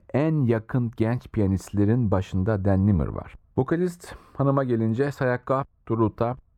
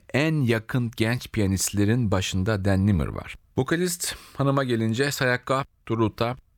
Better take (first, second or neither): second